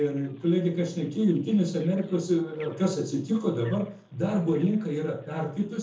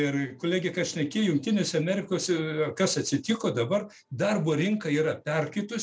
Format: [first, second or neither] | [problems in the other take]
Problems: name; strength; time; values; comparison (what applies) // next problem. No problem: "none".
second | noise reduction (neural separator model SepFormer DNS4)